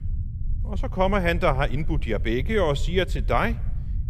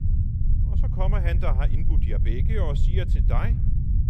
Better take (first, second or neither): first